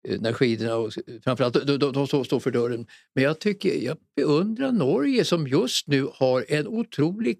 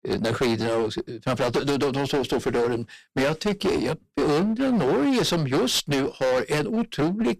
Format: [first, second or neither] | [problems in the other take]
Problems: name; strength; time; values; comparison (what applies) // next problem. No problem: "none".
first | distortion; heavy; 23% of the sound clipped